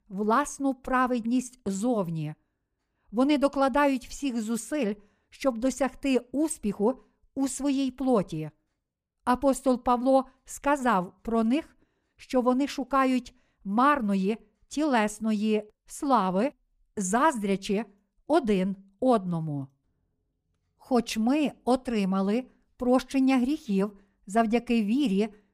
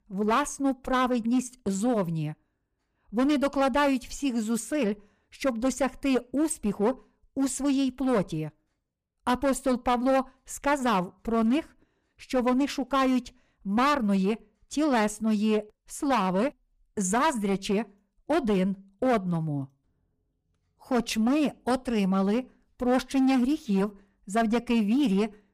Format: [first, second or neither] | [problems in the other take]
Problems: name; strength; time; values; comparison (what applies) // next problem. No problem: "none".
first | distortion; slight; 8% of the sound clipped